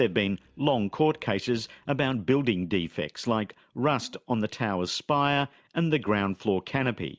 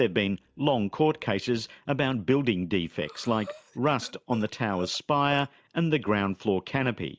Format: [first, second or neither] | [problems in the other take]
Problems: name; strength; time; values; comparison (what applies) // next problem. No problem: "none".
first | noise reduction (neural mask model DeepFilterNet 3)